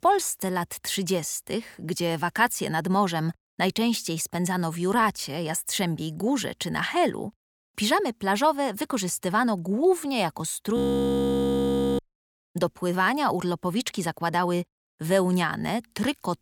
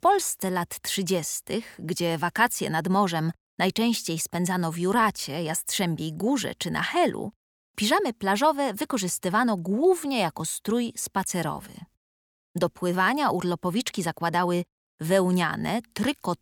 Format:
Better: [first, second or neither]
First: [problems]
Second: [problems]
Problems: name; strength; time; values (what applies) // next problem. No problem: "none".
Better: second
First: audio freezing; at 11 s for 1 s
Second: none